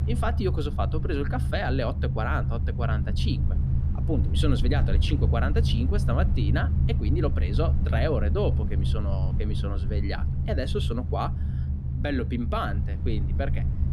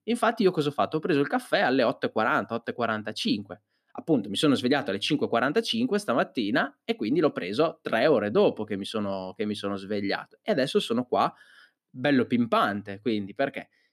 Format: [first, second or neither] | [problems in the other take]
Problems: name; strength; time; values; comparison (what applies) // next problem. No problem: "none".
second | low rumble; loud; throughout; 8 dB below the speech